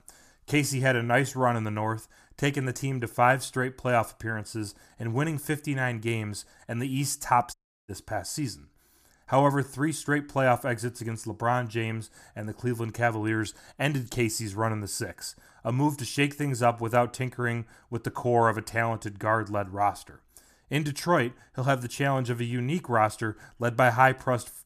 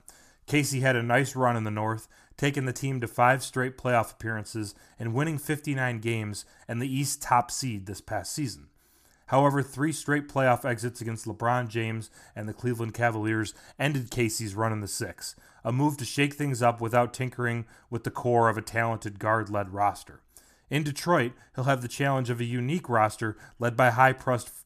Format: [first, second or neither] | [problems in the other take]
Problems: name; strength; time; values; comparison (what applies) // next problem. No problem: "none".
second | audio cutting out; at 7.5 s